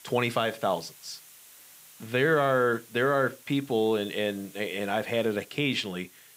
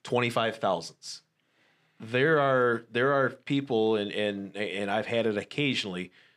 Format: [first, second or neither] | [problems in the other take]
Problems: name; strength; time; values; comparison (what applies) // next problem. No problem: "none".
second | hiss; faint; throughout; 20 dB below the speech